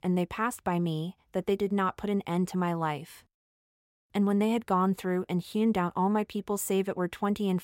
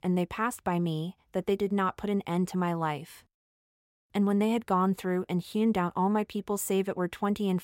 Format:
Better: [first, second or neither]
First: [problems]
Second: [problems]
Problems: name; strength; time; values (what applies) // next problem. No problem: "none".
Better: neither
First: none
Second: none